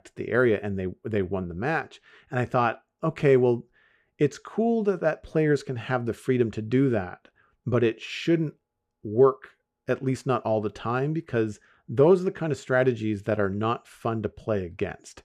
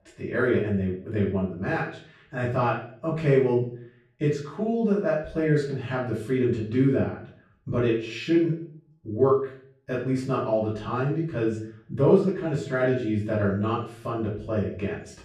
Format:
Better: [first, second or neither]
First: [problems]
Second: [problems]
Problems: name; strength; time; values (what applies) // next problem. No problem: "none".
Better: first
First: none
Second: off-mic speech; far // room echo; noticeable; dies away in 0.5 s